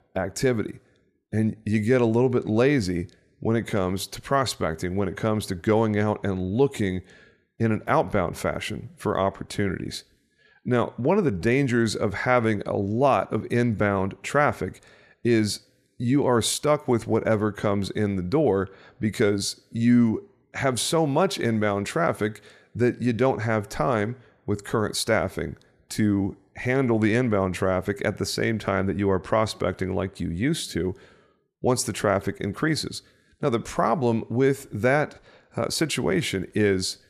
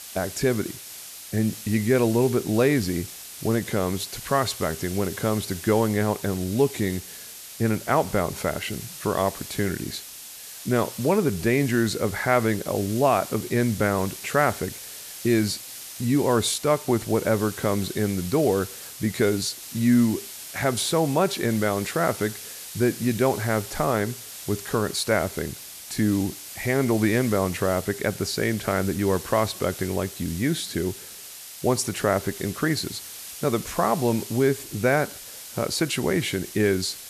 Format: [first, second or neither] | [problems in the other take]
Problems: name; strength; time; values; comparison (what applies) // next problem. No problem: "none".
first | hiss; noticeable; throughout; 10 dB below the speech